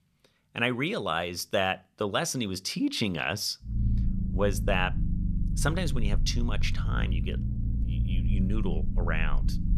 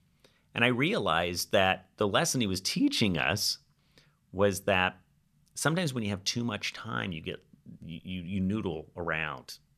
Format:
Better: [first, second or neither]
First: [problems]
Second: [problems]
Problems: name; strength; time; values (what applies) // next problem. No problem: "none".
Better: second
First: low rumble; noticeable; from 3.5 s on; 15 dB below the speech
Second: none